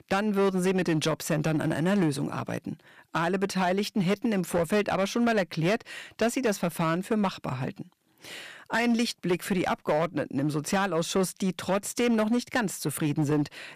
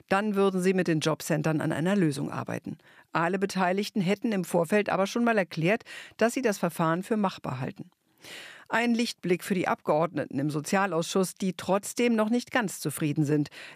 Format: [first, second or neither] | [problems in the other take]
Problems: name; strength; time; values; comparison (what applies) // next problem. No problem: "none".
second | distortion; slight; 7% of the sound clipped